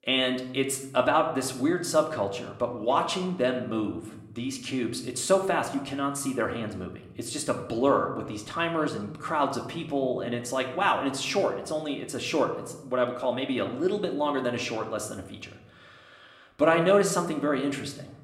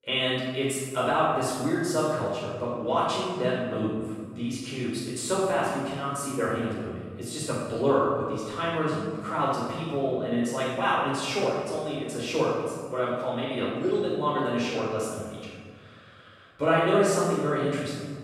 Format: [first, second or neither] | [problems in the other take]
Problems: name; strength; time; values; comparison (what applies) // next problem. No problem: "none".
first | room echo; strong; dies away in 1.6 s; slight in the first // off-mic speech; far; somewhat distant in the first